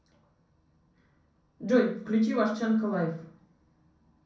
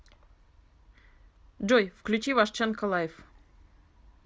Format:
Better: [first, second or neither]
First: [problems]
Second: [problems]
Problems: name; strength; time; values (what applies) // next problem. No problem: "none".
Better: second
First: room echo; dies away in 0.5 s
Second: none